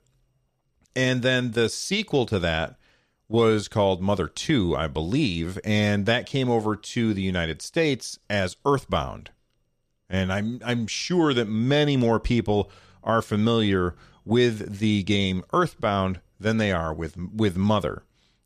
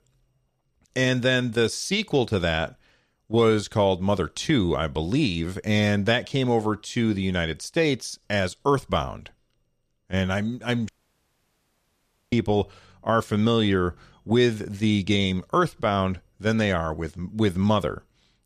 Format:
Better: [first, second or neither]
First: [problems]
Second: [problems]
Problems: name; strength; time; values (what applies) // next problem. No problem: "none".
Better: first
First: none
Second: audio cutting out; at 11 s for 1.5 s